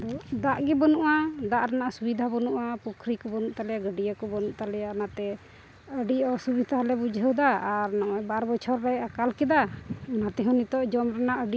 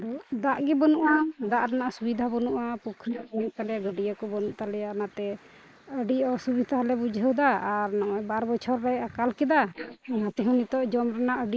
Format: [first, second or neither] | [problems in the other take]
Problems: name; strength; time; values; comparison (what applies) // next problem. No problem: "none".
first | noise reduction (neural mask model Resemble Enhance denoiser)